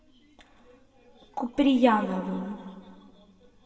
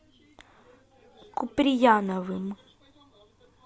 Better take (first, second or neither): second